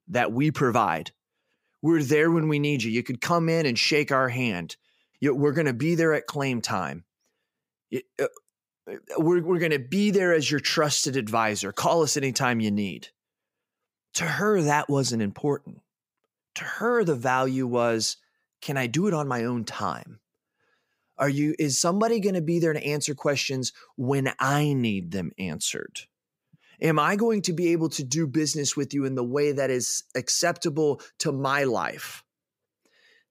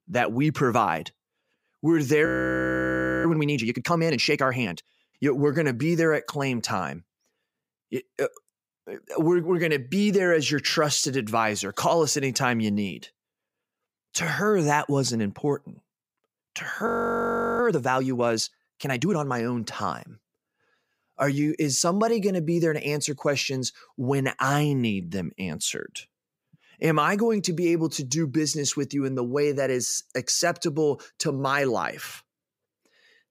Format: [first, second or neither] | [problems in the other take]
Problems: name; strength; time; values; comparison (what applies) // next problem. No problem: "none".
first | audio freezing; at 2.5 s for 1 s and at 17 s for 0.5 s